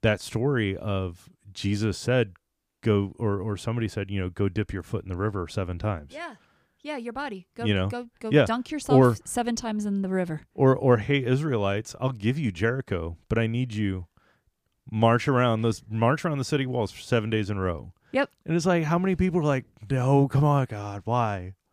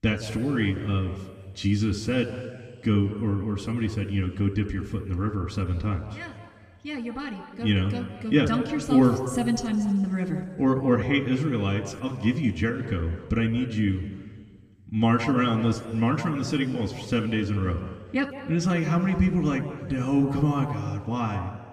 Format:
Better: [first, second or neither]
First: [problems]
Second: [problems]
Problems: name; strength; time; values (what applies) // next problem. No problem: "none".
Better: first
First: none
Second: room echo; noticeable; dies away in 1.6 s // off-mic speech; somewhat distant